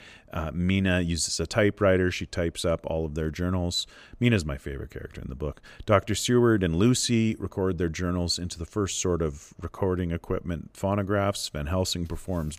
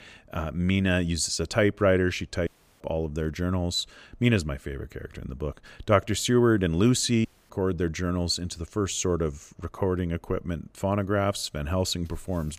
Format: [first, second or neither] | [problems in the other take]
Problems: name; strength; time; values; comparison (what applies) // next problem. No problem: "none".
first | audio cutting out; at 2.5 s and at 7.5 s